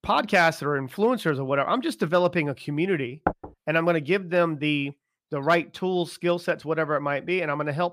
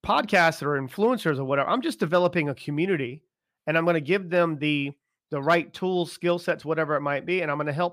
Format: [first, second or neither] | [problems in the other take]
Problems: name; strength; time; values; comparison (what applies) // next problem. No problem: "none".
second | door banging; noticeable; at 3.5 s; peak 5 dB below the speech